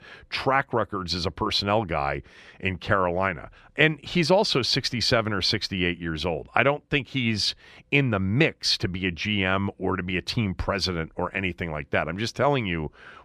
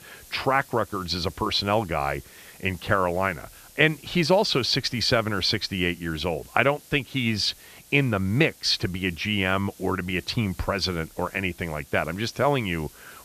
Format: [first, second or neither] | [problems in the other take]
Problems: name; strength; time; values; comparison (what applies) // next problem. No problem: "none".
first | hiss; faint; throughout; 25 dB below the speech